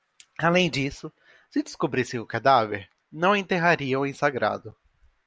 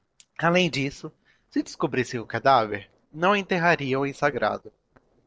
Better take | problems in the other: first | noise reduction (neural separator model SepFormer DNS4)

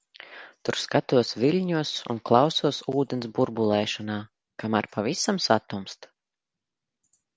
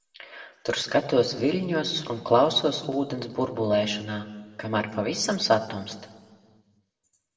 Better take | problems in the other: first | room echo; dies away in 1.4 s

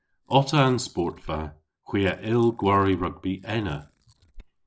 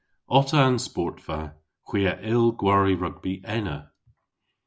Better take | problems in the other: second | noise reduction (neural separator model SepFormer DNS4)

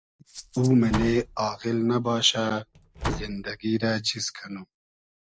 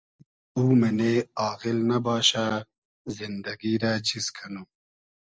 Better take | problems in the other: second | background sound (Rattle (instrument) + Slam); 11 dB below the speech

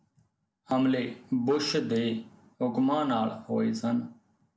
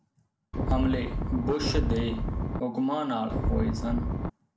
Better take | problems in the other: first | background sound (Wind); 3 dB above the speech

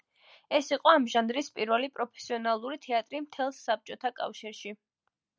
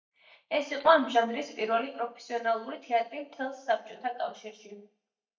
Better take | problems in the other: first | noise reduction (neural mask model DeepFilterNet 3)

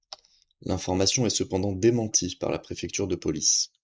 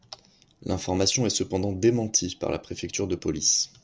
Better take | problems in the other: second | noise reduction (neural mask model Resemble Enhance denoiser)

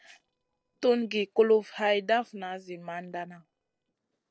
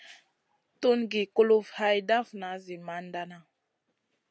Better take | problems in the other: second | noise reduction (neural separator model SepFormer DNS4)

